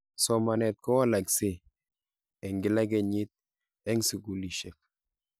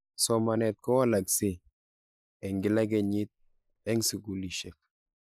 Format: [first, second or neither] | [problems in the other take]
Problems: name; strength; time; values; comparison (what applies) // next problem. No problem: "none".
first | noise reduction (neural mask model Resemble Enhance denoiser)